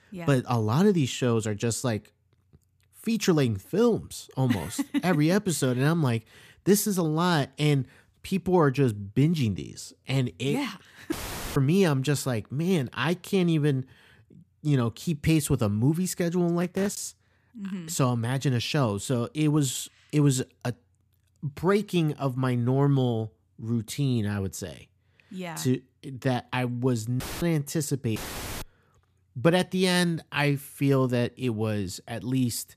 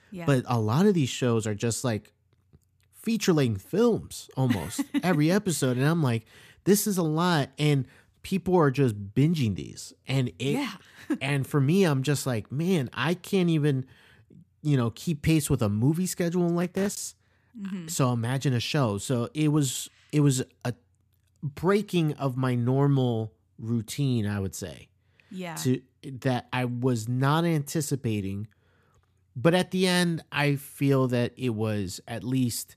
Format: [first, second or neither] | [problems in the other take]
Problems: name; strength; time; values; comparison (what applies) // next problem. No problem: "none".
second | audio cutting out; filled with static; at 11 s, at 27 s and at 28 s